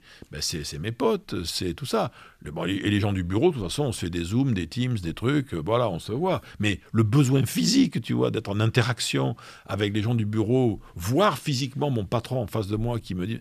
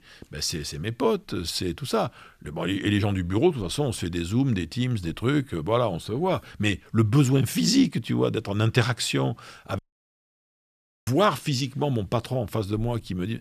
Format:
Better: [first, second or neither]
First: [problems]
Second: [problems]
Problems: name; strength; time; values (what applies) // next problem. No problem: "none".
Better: first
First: none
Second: audio cutting out; at 10 s for 1.5 s